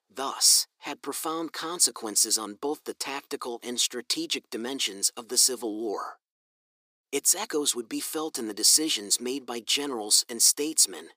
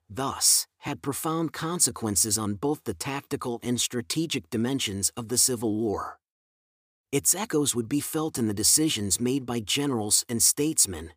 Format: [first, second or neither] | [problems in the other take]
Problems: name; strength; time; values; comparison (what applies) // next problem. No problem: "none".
second | thin; somewhat; fading below 350 Hz